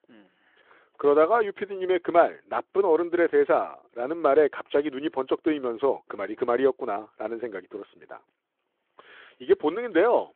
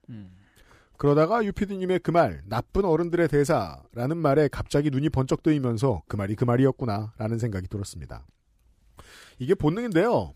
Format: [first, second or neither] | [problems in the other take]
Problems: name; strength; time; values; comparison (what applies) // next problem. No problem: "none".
second | phone-call audio